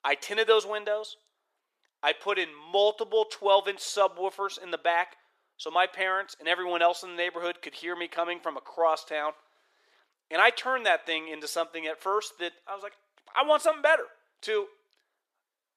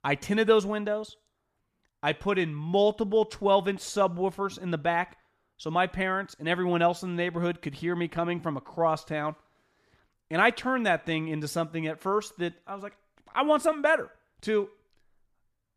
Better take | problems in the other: second | thin; very; fading below 450 Hz

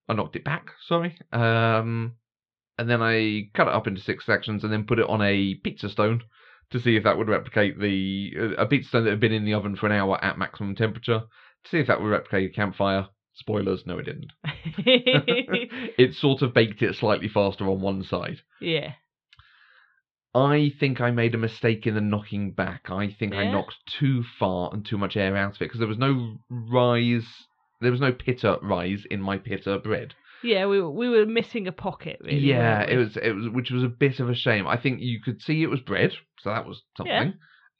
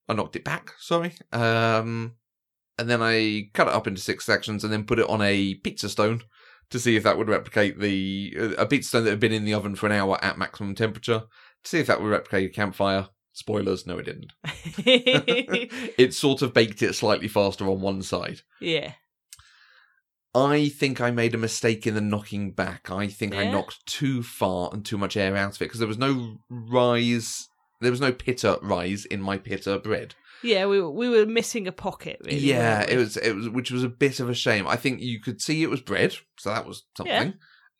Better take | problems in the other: second | muffled; slightly; fading above 3.5 kHz

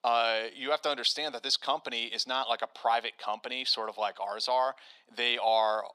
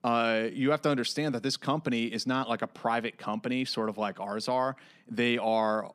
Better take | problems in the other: second | thin; very; fading below 600 Hz

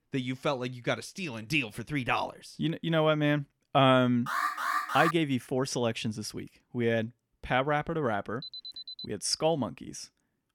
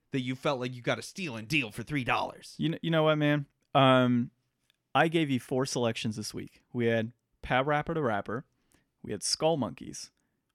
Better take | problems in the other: second | alarm; loud; at 4.5 s; peak level with the speech // alarm; faint; at 8.5 s; peak 10 dB below the speech

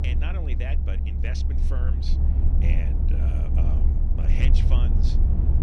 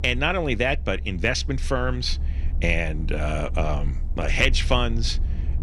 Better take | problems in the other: second | low rumble; loud; throughout; as loud as the speech; faint in the second

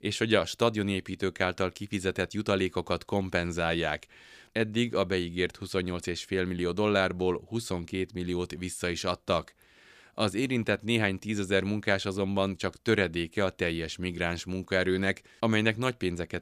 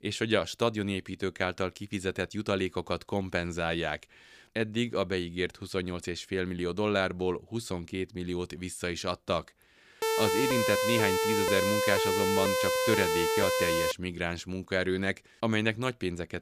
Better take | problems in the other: first | siren; loud; from 10 to 14 s; peak 4 dB above the speech

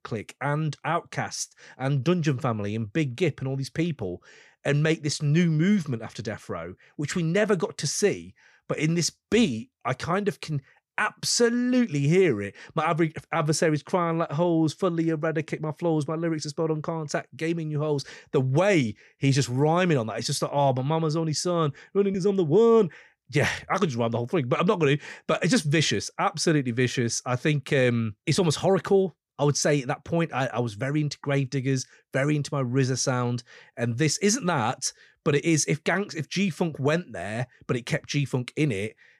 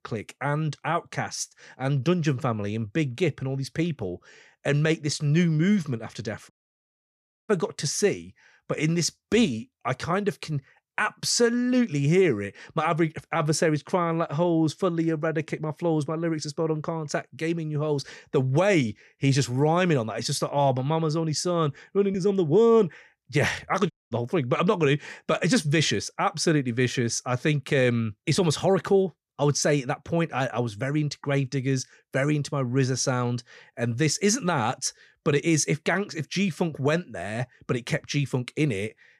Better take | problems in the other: first | audio cutting out; at 6.5 s for 1 s and at 24 s

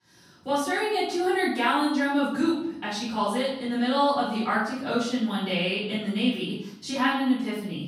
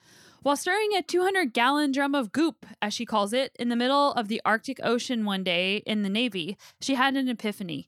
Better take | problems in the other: second | off-mic speech; far // room echo; noticeable; dies away in 0.7 s

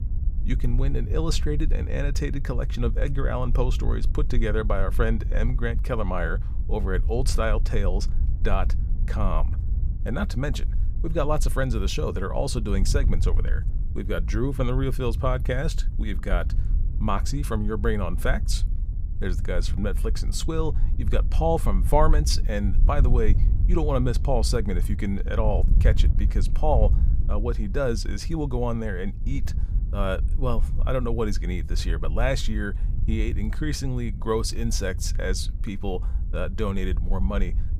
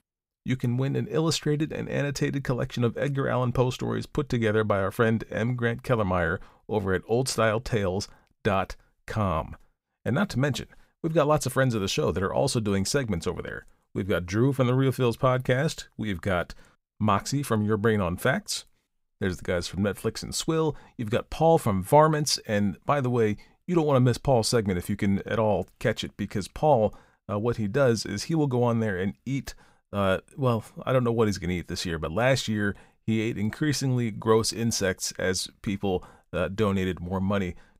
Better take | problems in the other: second | wind noise on the microphone; occasional gusts; 15 dB below the speech

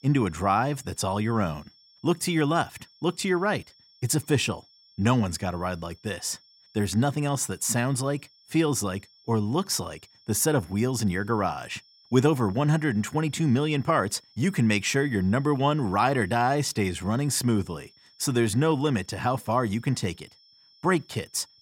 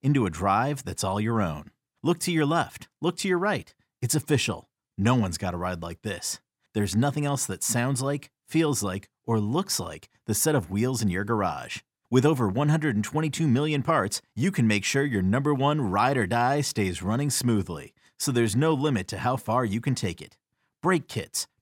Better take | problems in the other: second | high-pitched whine; faint; throughout; 5.5 kHz, 30 dB below the speech

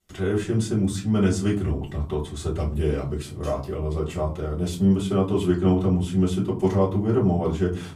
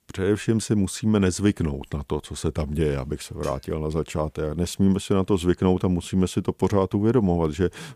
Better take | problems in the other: second | off-mic speech; far // room echo; very slight; dies away in 0.4 s

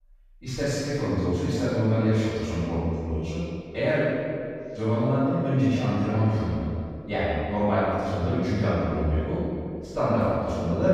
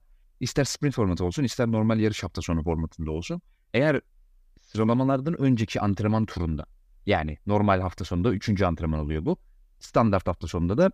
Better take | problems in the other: second | off-mic speech; far // room echo; strong; dies away in 2.1 s

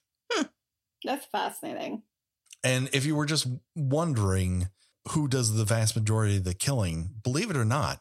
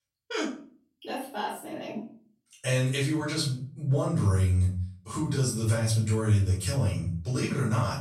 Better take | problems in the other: first | off-mic speech; far // room echo; noticeable; dies away in 0.5 s

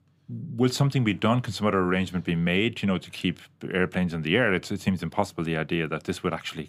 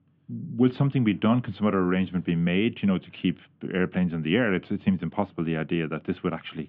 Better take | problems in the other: first | muffled; very; fading above 3 kHz

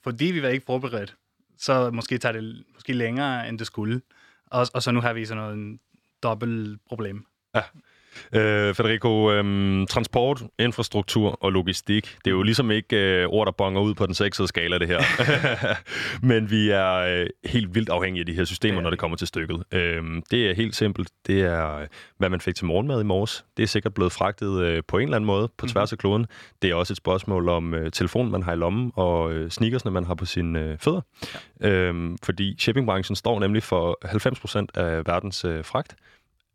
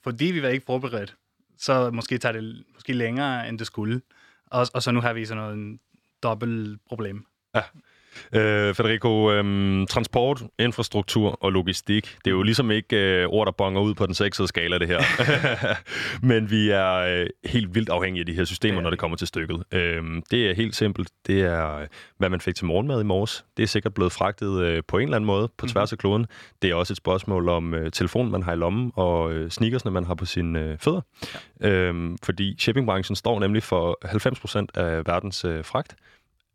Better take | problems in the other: neither | none

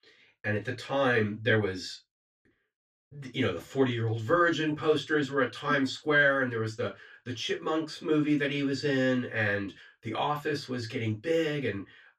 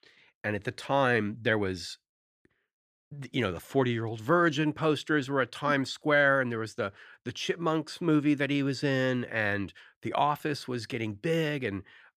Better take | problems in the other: second | room echo; very slight; dies away in 0.2 s // off-mic speech; far

